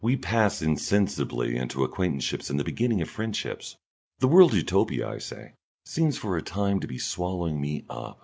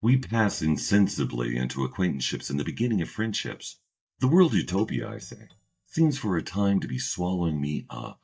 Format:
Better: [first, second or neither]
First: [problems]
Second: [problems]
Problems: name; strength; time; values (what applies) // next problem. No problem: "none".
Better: first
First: none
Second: noise reduction (neural mask model DeepFilterNet 3)